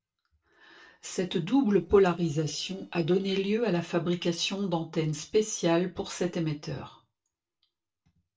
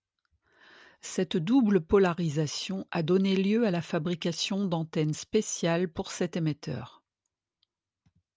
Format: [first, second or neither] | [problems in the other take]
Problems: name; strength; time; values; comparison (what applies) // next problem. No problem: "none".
second | noise reduction (neural separator model SepFormer DNS4)